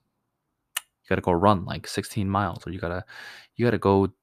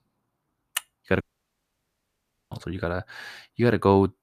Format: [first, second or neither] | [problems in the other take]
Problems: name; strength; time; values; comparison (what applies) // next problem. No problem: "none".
first | audio cutting out; at 1 s for 1.5 s